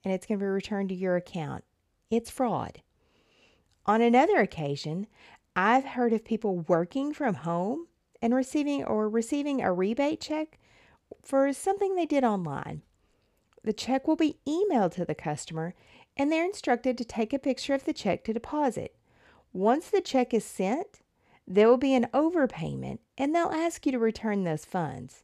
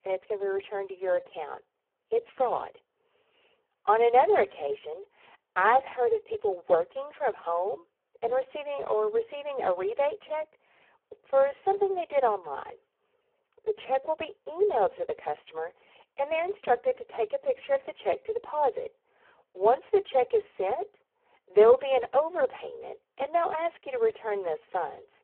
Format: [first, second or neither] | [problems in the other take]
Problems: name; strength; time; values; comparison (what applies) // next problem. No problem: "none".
first | phone-call audio; poor line